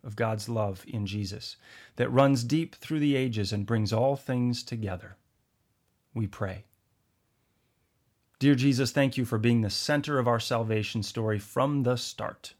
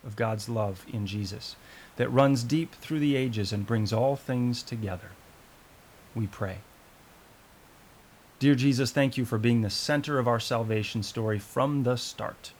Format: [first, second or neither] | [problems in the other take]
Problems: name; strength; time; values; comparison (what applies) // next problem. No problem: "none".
first | hiss; faint; throughout; 25 dB below the speech